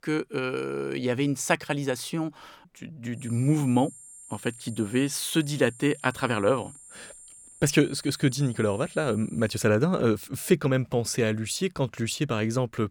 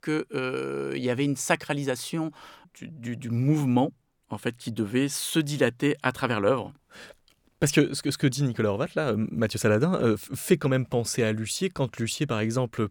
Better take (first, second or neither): second